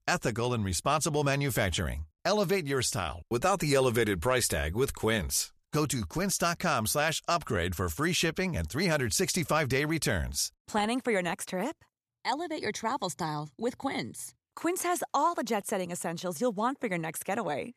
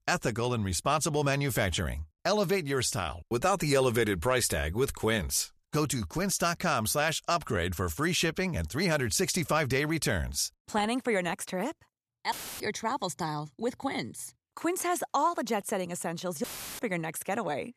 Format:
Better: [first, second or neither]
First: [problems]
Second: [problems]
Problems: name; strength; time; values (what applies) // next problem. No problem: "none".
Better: first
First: none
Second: audio cutting out; filled with static; at 12 s and at 16 s